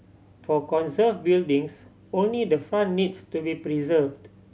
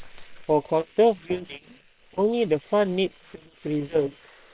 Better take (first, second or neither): first